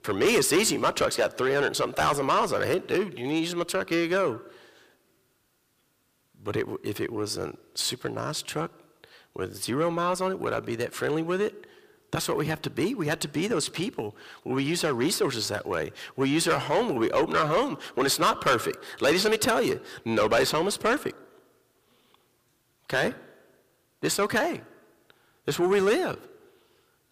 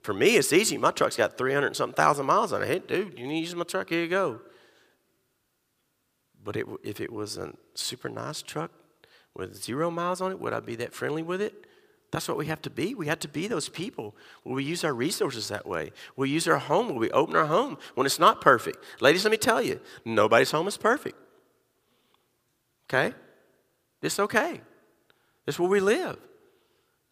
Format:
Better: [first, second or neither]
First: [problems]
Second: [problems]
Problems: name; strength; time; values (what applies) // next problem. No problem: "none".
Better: second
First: distortion; heavy; 7 dB below the speech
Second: none